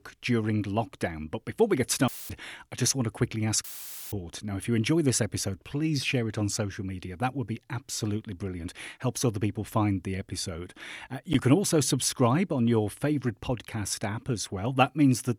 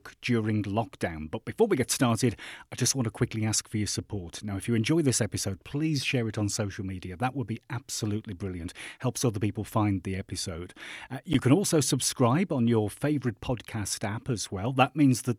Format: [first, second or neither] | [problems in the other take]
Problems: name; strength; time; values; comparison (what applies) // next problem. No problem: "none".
second | audio cutting out; filled with static; at 2 s and at 3.5 s